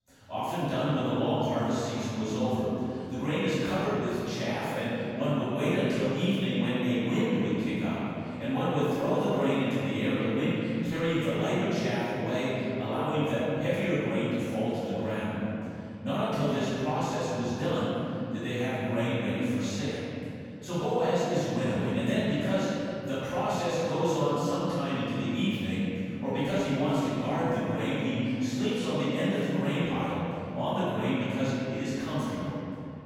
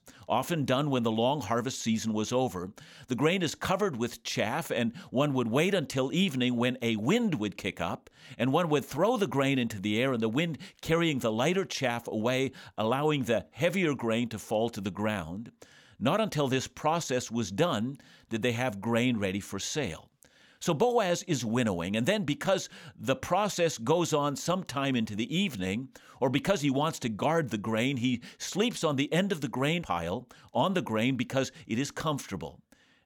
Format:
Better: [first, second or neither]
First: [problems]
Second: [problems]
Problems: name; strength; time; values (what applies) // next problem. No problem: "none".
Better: second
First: off-mic speech; far // room echo; strong; dies away in 2.9 s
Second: none